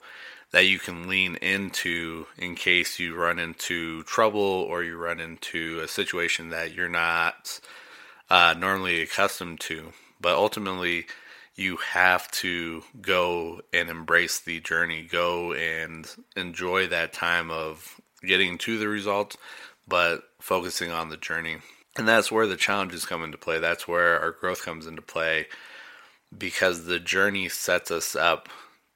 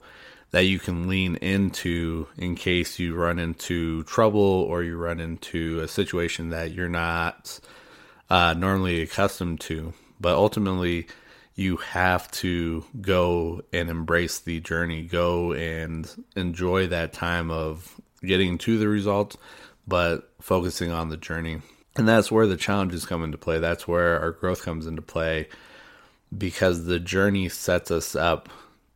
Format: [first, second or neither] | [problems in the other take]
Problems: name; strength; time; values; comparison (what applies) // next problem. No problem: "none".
second | thin; somewhat; fading below 800 Hz